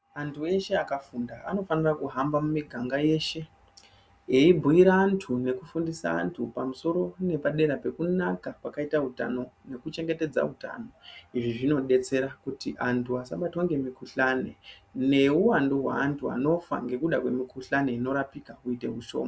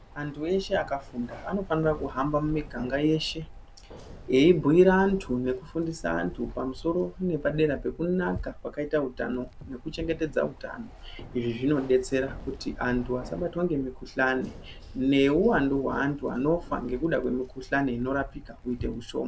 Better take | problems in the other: first | background sound (Keys jangling); 15 dB below the speech

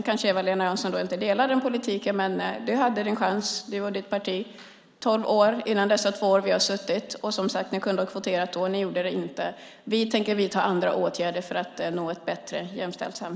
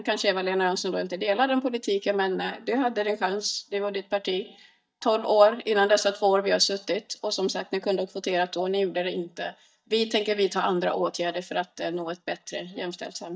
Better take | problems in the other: first | noise reduction (neural mask model DeepFilterNet 3)

